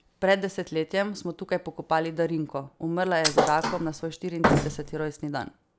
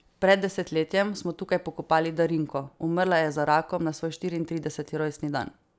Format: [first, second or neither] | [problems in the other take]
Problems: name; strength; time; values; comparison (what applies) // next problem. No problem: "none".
second | background sound (Thump, thud); 1 dB above the speech